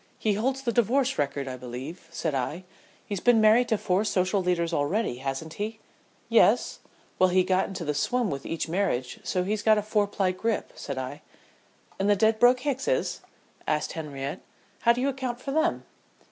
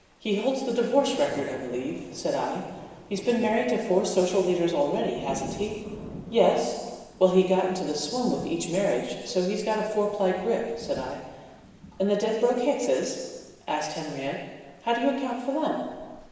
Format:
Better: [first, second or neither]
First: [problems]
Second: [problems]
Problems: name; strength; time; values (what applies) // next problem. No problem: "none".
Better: first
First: none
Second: background sound (Thunder / Rain); 19 dB below the speech // room echo; dies away in 1.2 s